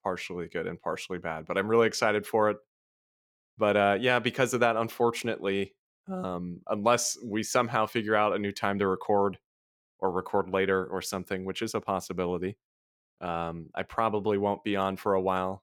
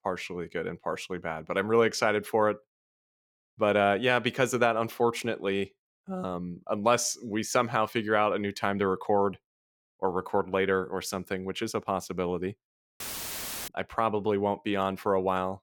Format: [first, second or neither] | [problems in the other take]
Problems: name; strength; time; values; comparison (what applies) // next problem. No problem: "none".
first | audio cutting out; filled with static; at 13 s for 0.5 s